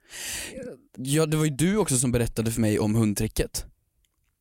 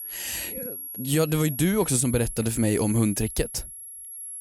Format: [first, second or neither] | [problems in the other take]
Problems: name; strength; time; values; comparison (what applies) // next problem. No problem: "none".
first | high-pitched whine; loud; throughout; 11.5 kHz, 9 dB below the speech